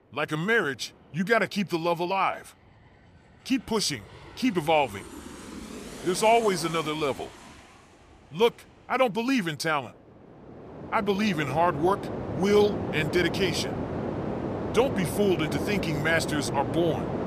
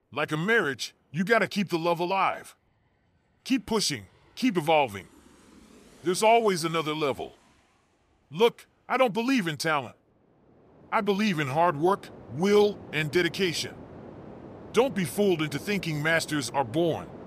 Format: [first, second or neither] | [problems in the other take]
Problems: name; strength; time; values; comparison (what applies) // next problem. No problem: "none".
second | train or aircraft noise; loud; throughout; 8 dB below the speech; faint in the second